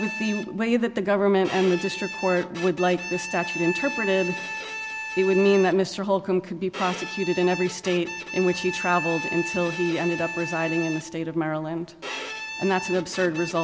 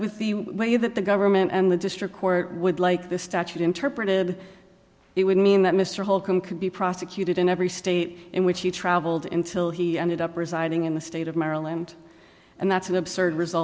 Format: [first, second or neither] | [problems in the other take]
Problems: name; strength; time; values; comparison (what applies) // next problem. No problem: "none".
second | background sound (Bowed string instrument); 9 dB below the speech